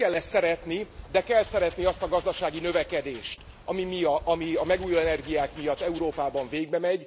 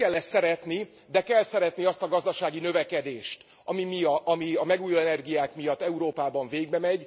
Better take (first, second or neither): second